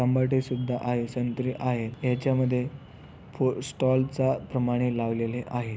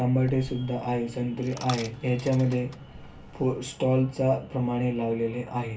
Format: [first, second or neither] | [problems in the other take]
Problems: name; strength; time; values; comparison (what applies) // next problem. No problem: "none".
first | background sound (Coin (dropping)); 18 dB below the speech // room echo; dies away in 0.3 s